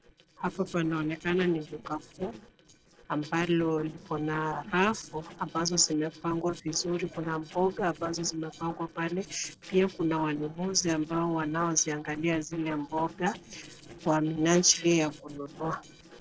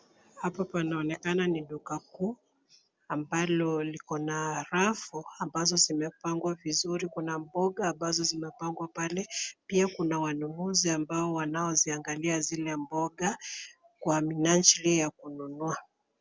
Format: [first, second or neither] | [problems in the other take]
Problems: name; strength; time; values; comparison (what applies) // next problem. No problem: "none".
second | noise reduction (neural separator model SepFormer DNS4)